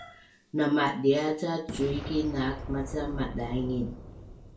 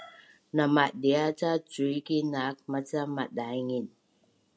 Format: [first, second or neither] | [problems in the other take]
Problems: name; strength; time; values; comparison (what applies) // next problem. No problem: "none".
second | background sound (Boom); 11 dB below the speech // room echo; dies away in 0.3 s